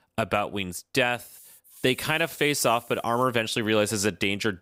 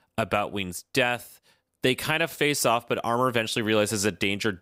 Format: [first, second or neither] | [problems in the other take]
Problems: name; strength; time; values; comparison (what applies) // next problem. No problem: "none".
second | hiss; faint; from 1.5 to 3 s; 25 dB below the speech